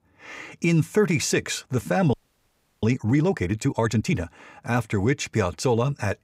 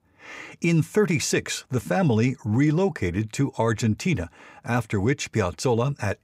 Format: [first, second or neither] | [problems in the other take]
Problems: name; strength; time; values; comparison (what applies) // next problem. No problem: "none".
second | audio freezing; at 2 s for 0.5 s